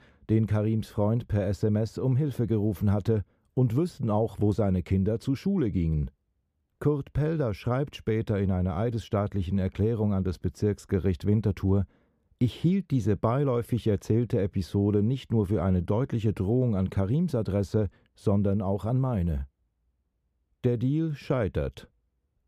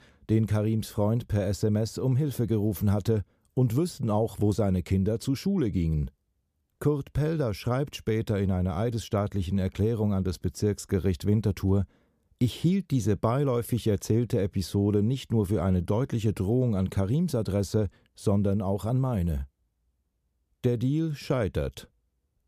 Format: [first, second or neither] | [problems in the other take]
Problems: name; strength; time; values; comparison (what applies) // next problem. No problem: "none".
second | muffled; slightly; fading above 4 kHz